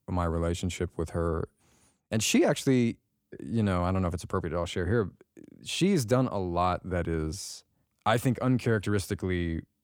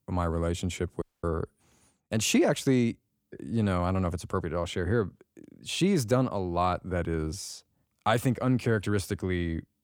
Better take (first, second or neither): first